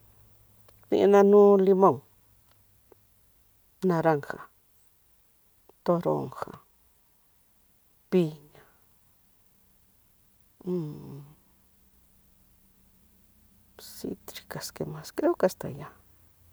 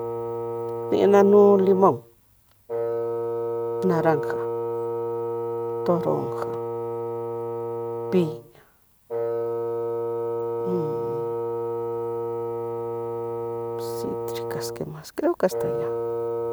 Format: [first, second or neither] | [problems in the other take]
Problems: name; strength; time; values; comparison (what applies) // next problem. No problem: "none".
first | background sound (Wind instrument, woodwind instrument); 2 dB below the speech